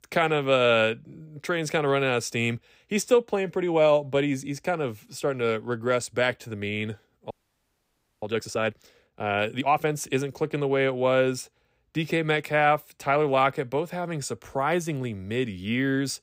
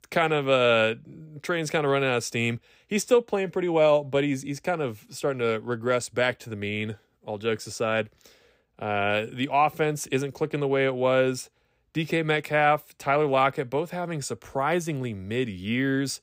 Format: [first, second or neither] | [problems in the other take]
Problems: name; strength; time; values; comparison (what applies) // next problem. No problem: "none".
second | audio freezing; at 7.5 s for 1 s